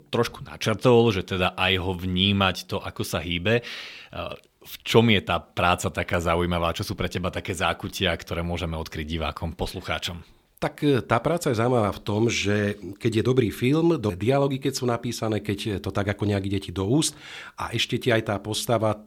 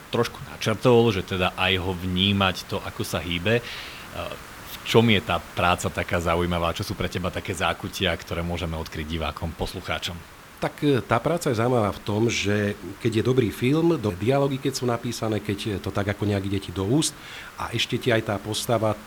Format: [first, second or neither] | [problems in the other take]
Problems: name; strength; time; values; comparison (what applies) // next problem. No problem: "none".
first | hiss; noticeable; throughout; 20 dB below the speech